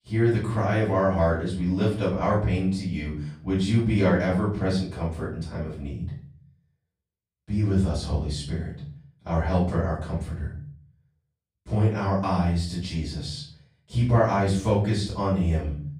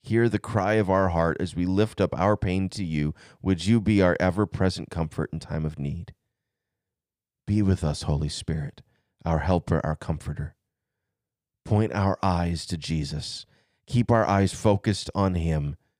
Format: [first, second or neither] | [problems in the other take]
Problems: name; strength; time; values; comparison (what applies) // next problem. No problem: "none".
second | room echo; noticeable; dies away in 0.4 s // off-mic speech; far